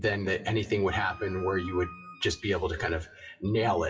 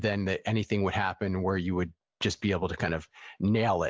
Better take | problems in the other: second | noise reduction (classical method WPE with log-MMSE)

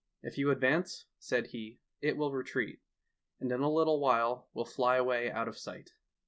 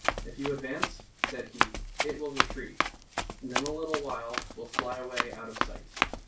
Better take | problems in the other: first | background sound (Run); 5 dB above the speech // room echo; dies away in 0.2 s

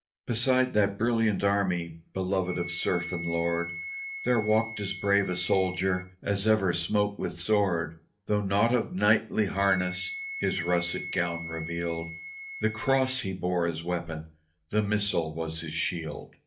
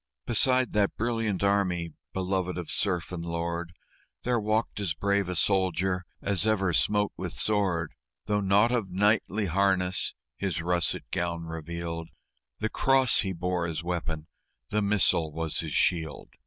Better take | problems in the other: second | background sound (Wind instrument, woodwind instrument); 14 dB below the speech // room echo; dies away in 0.3 s

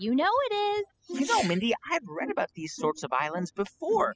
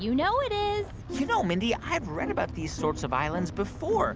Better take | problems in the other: second | noise reduction (classical method spectral subtraction)

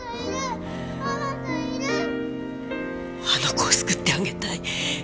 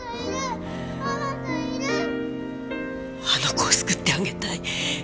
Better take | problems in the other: second | background sound (Bowed string instrument); 14 dB below the speech

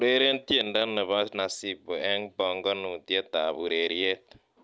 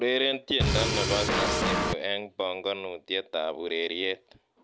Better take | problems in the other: first | background sound (Drum kit); 4 dB above the speech

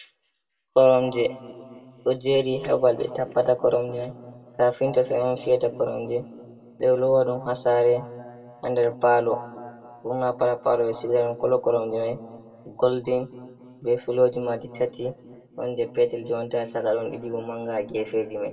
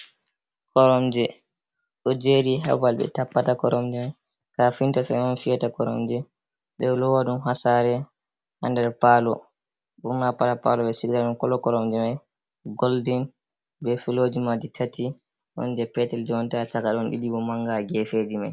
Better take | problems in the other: second | room echo; dies away in 1.5 s

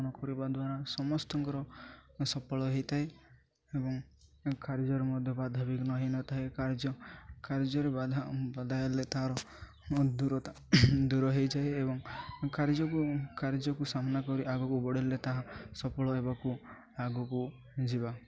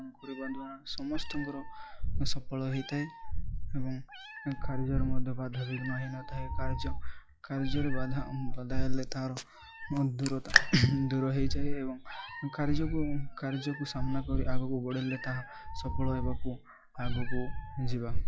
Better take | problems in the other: first | noise reduction (classical method log-MMSE)

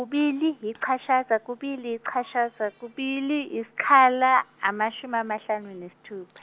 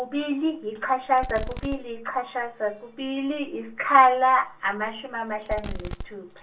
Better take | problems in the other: first | background sound (Fireworks); 10 dB below the speech // room echo; dies away in 0.3 s

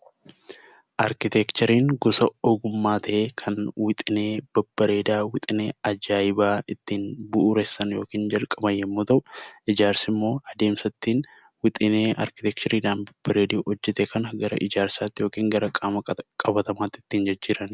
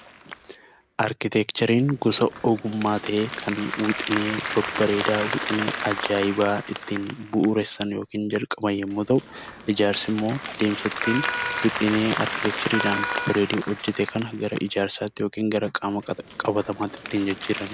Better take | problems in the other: first | background sound (Applause + Wind instrument, woodwind instrument); 8 dB below the speech

